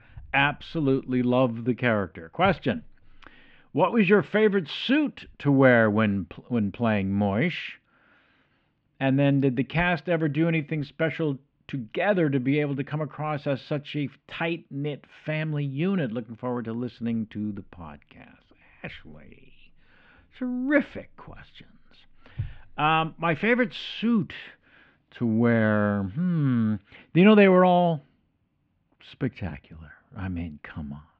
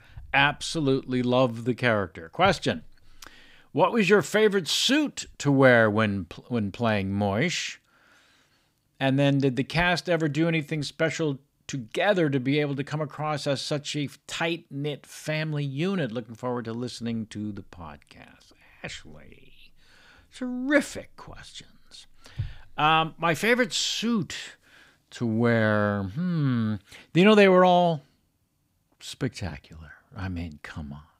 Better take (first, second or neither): second